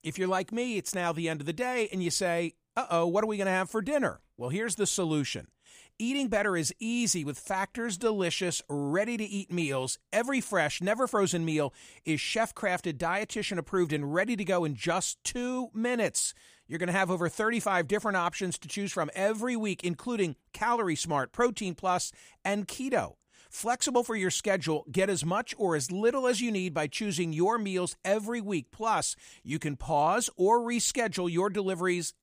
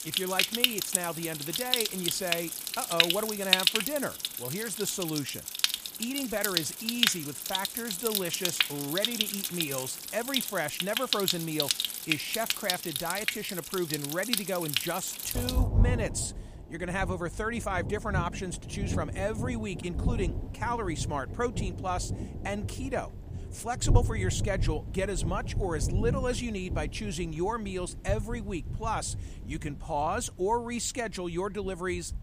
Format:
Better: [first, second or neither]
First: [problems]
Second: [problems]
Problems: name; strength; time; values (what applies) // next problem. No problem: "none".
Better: first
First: none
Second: rain or running water; very loud; throughout; 3 dB above the speech